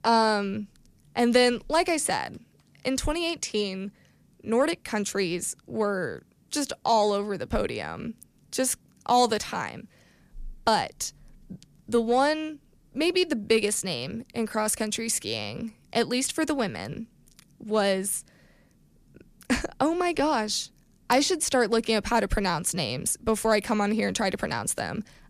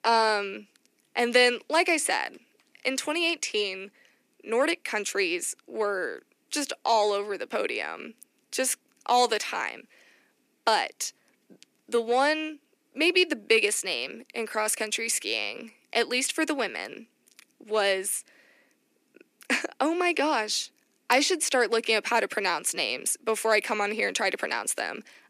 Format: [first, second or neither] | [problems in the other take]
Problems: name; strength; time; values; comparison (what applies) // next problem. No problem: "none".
first | thin; somewhat; fading below 300 Hz